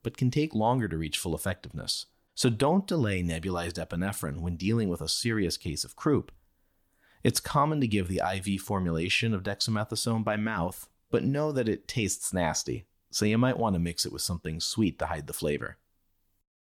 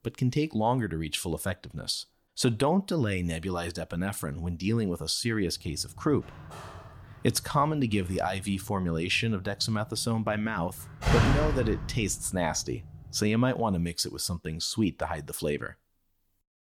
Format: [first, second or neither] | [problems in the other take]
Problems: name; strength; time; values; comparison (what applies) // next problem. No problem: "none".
first | door banging; loud; from 11 to 12 s; peak 5 dB above the speech